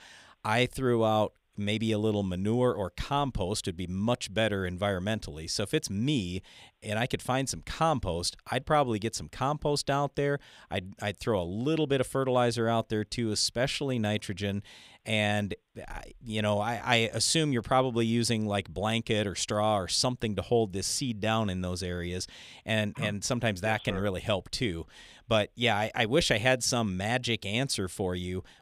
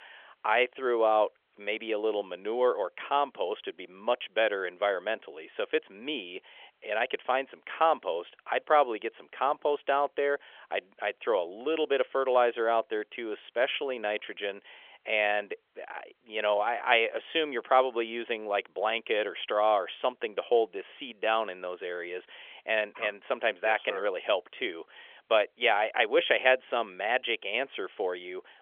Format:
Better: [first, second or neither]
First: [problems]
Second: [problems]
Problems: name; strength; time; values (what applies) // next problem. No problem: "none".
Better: first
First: none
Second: phone-call audio; nothing above 3.5 kHz